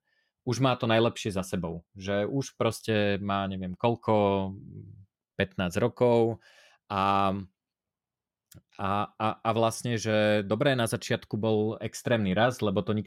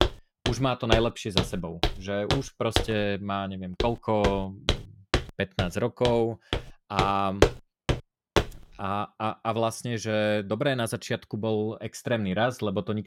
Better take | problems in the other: first | footsteps; loud; until 8.5 s; peak 4 dB above the speech

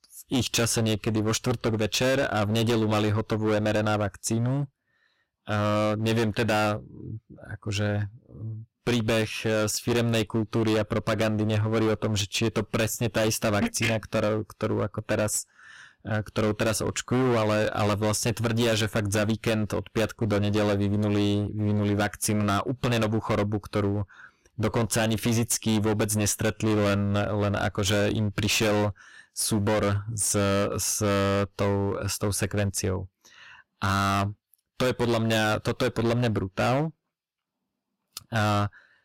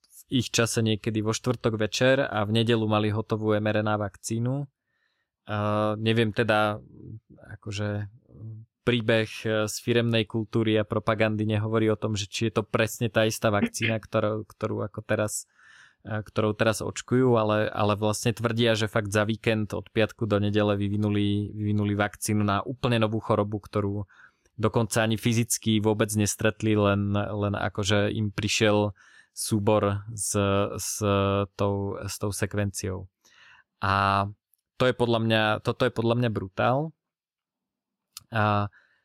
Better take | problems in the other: second | distortion; heavy; 20% of the sound clipped

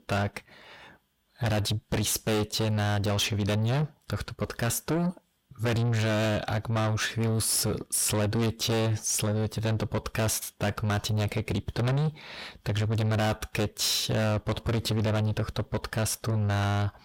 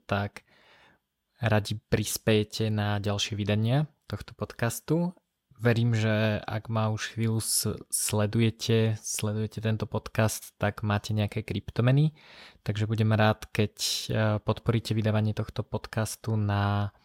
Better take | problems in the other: second | distortion; heavy; 5 dB below the speech

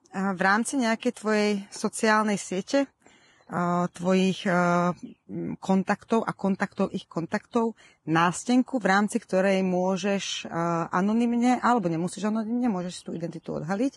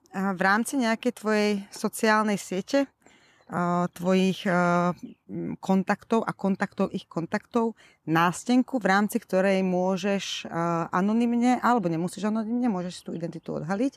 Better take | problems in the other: second | garbled, watery; badly; nothing above 10.5 kHz

